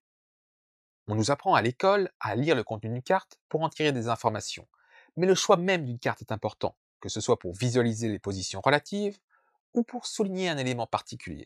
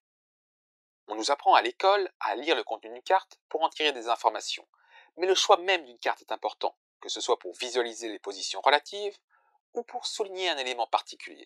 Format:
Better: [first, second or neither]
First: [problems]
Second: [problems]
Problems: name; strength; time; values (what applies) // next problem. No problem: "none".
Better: first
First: none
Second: thin; very; fading below 350 Hz